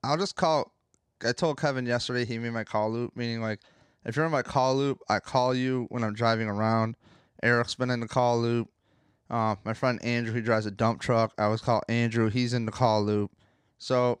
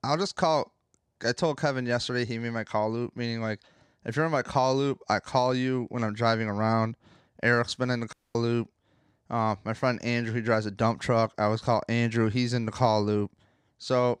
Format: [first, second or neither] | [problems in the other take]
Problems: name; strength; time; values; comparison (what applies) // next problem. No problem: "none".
first | audio cutting out; at 8 s